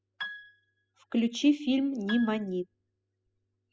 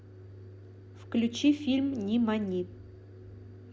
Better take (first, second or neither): second